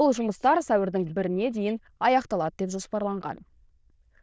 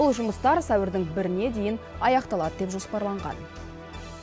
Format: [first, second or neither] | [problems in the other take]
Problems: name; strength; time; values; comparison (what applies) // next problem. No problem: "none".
second | noise reduction (neural diffusion model UNIVERSE++)